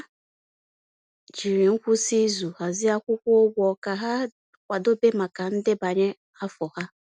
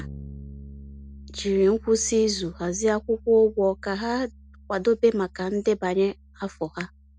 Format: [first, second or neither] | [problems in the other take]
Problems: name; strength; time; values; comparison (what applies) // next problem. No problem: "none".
first | background sound (Bass guitar); 19 dB below the speech